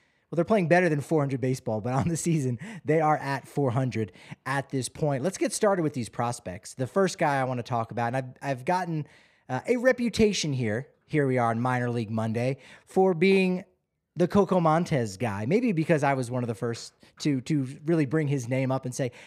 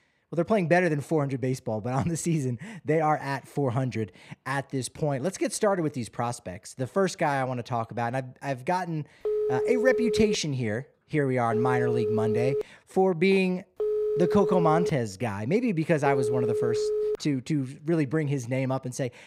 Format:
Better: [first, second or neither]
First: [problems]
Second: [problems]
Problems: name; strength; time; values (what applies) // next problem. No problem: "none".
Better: first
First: none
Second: phone ringing; loud; from 9.5 to 17 s; peak 1 dB above the speech